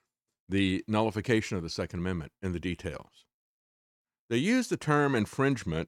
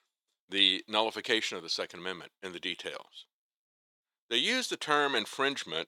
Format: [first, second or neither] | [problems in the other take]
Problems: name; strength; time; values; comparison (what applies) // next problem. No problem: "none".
first | thin; somewhat; fading below 500 Hz